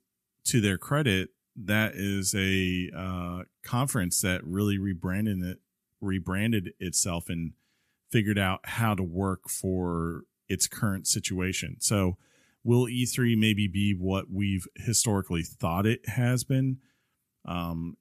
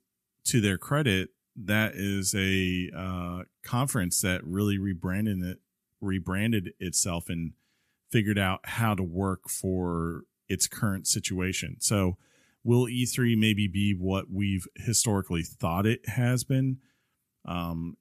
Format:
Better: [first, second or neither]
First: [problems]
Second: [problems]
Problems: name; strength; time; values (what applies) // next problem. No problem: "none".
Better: neither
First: none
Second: none